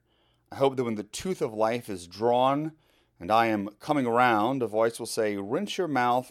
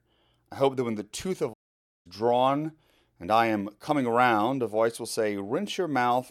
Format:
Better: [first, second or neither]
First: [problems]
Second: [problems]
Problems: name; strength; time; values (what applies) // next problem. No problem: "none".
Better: first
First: none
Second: audio cutting out; at 1.5 s for 0.5 s